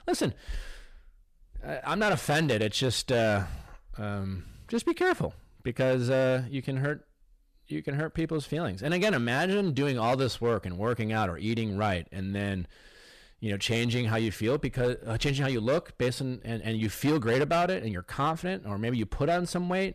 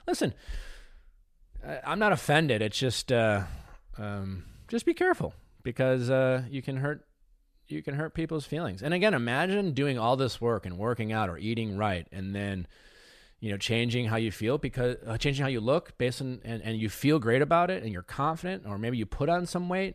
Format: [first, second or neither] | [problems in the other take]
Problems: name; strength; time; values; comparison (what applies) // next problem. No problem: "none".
second | distortion; slight; 6% of the sound clipped